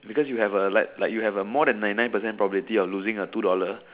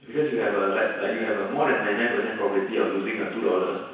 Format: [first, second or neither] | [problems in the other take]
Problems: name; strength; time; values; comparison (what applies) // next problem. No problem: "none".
first | room echo; dies away in 1.1 s